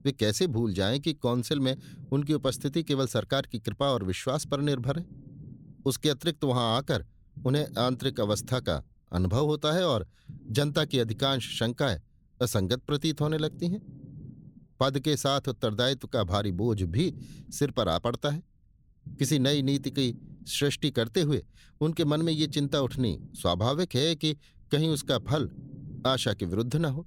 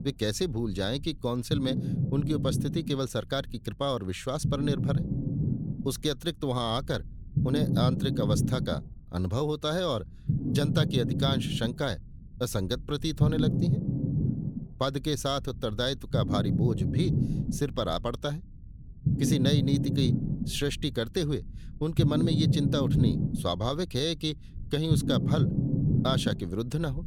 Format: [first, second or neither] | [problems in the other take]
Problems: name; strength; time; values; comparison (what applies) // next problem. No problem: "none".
first | low rumble; loud; throughout; 5 dB below the speech; faint in the first